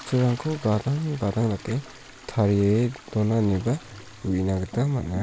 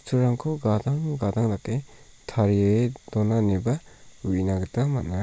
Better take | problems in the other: second | background sound (Toilet flush); 19 dB below the speech

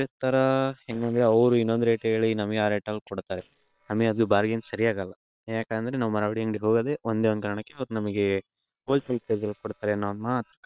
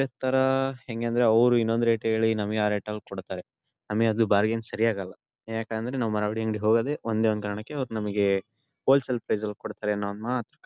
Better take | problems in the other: second | noise reduction (neural separator model SepFormer WHAM!)

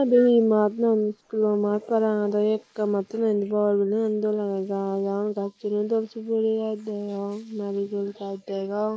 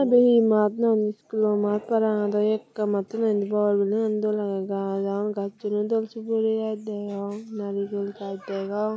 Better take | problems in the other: second | noise reduction (neural mask model Resemble Enhance denoiser)

